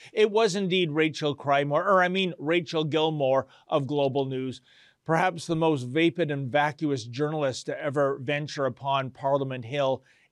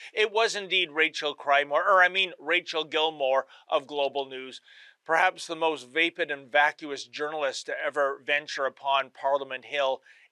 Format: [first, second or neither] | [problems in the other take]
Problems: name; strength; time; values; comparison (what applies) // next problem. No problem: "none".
first | thin; very; fading below 650 Hz